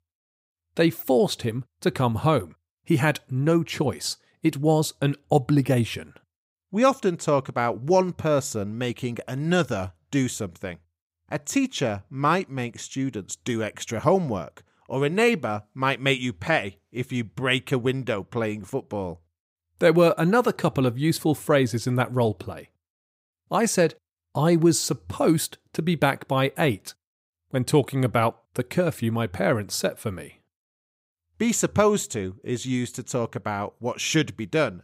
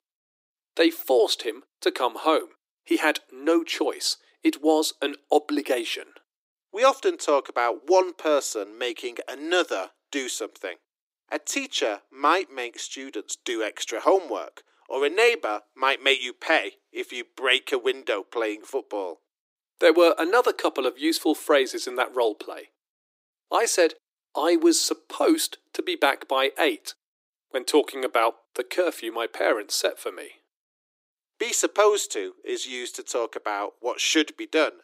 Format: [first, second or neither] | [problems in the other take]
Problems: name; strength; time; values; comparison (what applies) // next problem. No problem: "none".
first | thin; very; fading below 300 Hz